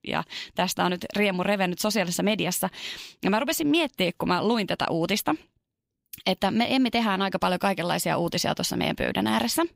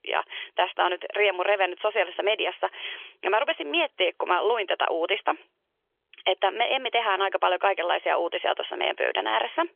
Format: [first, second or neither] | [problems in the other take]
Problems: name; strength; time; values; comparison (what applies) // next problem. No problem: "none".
first | phone-call audio; nothing above 3.5 kHz